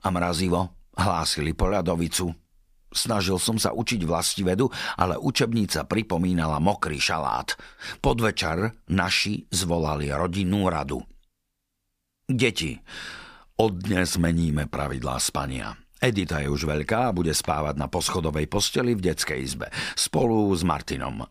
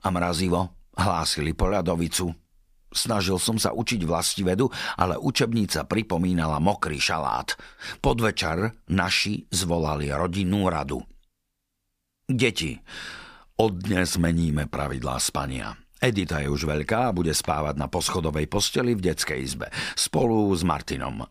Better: neither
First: none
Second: none

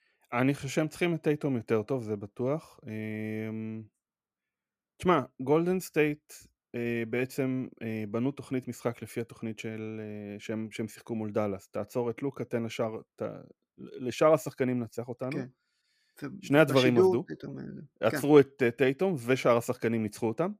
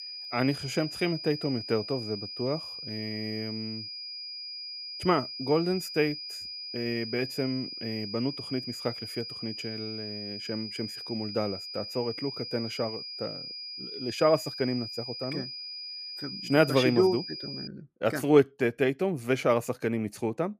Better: first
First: none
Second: high-pitched whine; loud; until 18 s; 5 kHz, 7 dB below the speech

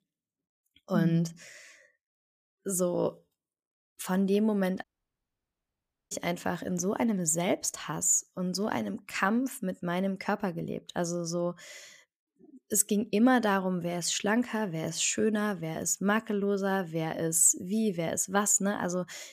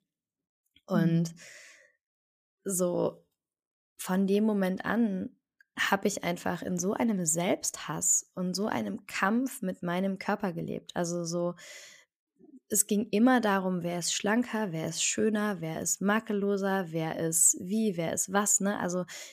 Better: second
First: audio cutting out; at 5 s for 1.5 s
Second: none

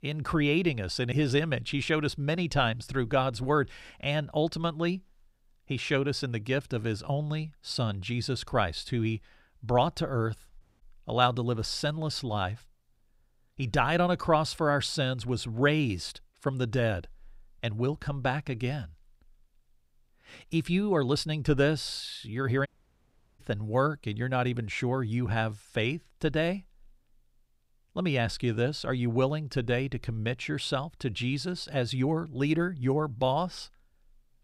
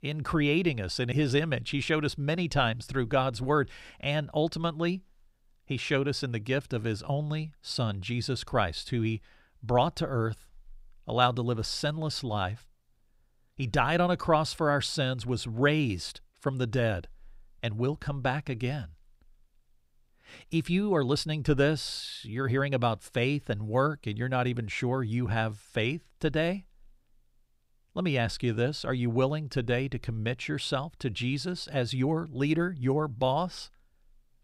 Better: second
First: audio cutting out; at 11 s and at 23 s for 0.5 s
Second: none

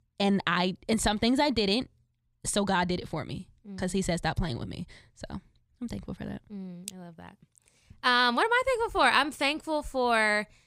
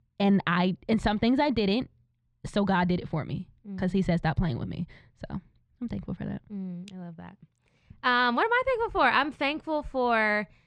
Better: first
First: none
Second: muffled; slightly; fading above 3 kHz

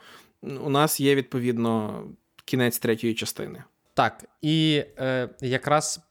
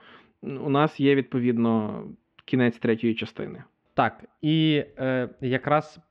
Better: first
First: none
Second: muffled; very; fading above 3 kHz

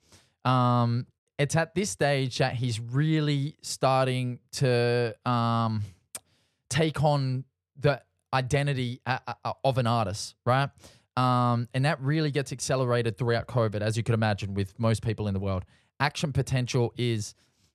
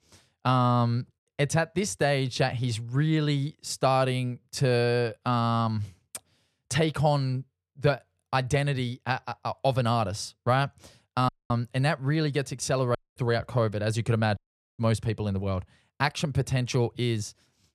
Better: first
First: none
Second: audio cutting out; at 11 s, at 13 s and at 14 s

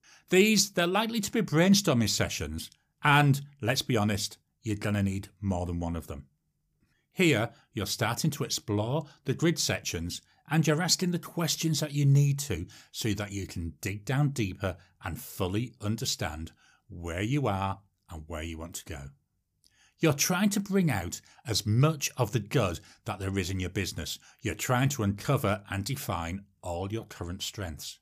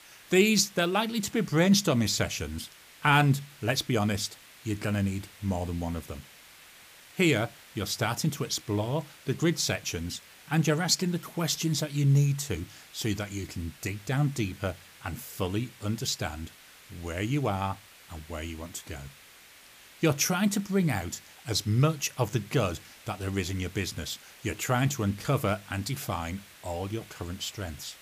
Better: first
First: none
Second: hiss; faint; throughout; 20 dB below the speech

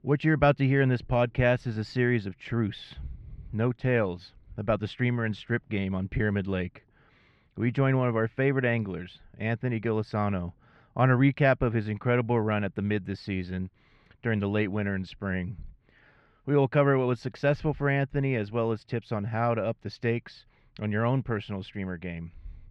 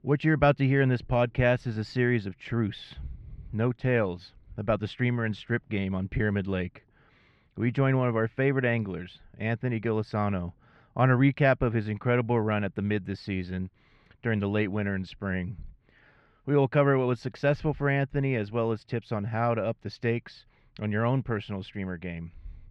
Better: neither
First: muffled; very; fading above 2 kHz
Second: muffled; very; fading above 2 kHz

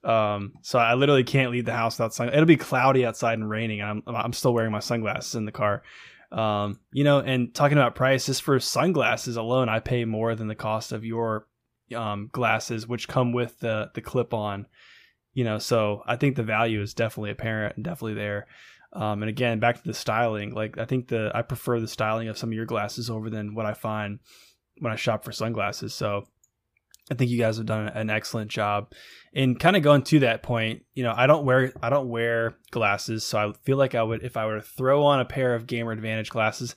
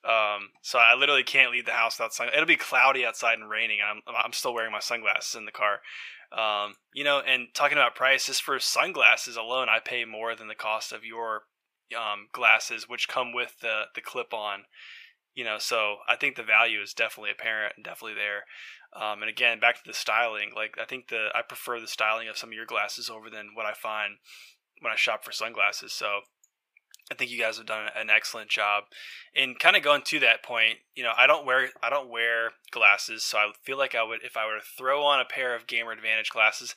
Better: first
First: none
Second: thin; very; fading below 750 Hz

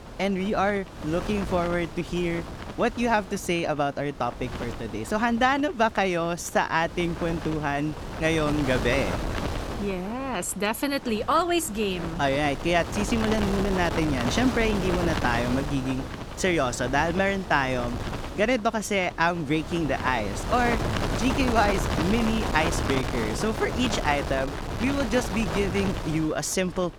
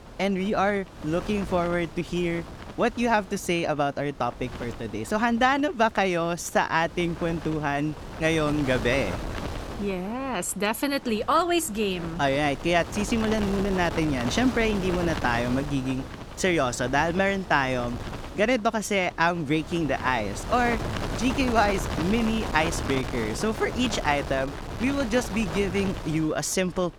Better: second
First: wind noise on the microphone; heavy; 7 dB below the speech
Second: wind noise on the microphone; occasional gusts; 10 dB below the speech

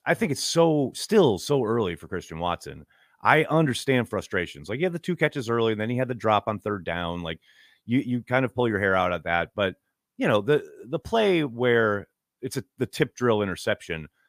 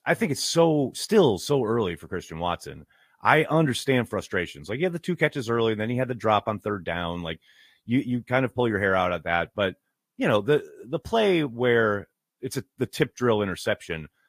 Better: first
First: none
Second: garbled, watery; slightly; nothing above 15 kHz

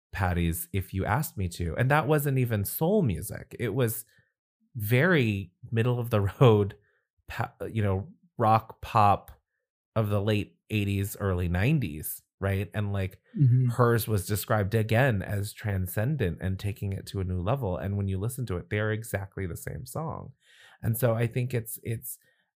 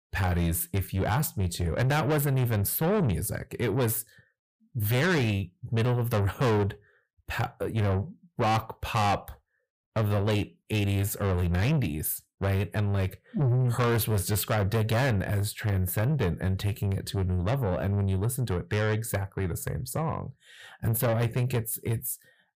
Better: first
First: none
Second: distortion; heavy; 7 dB below the speech

